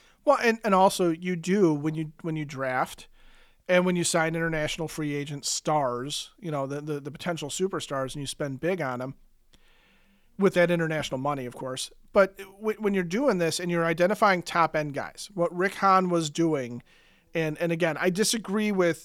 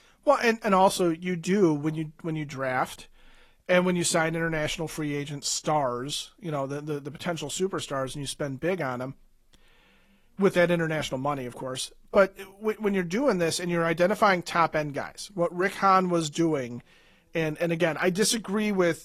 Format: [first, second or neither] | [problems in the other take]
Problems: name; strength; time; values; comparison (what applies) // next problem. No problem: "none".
first | garbled, watery; slightly; nothing above 14 kHz